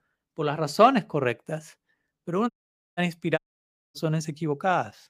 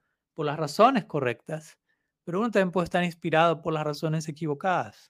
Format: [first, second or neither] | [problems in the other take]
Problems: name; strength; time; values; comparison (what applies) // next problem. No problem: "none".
second | audio cutting out; at 2.5 s and at 3.5 s for 0.5 s